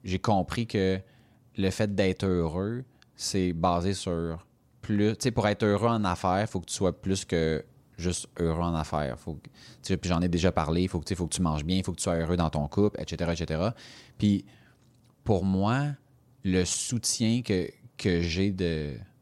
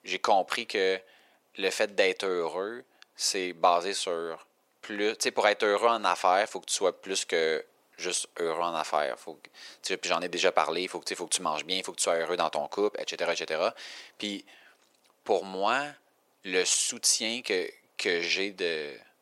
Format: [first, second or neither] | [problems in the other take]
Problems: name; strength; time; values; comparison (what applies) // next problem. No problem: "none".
first | thin; very; fading below 450 Hz